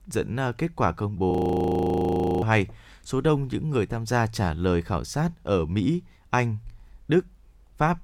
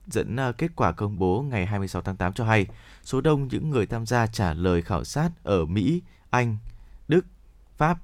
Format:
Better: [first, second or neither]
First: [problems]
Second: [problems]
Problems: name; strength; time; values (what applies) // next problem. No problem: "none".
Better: second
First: audio freezing; at 1.5 s for 1 s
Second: none